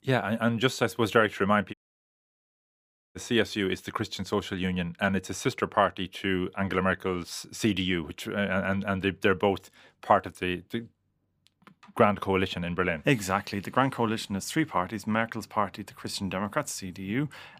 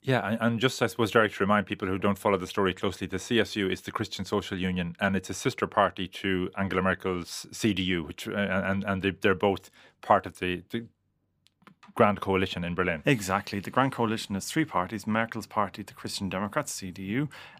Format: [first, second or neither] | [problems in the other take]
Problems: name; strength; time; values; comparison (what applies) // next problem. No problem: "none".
second | audio cutting out; at 1.5 s for 1.5 s